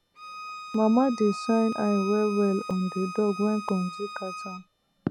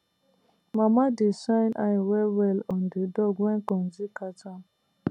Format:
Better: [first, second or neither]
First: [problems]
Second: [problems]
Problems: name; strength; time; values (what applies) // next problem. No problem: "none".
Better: second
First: background sound (Bowed string instrument); 12 dB below the speech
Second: none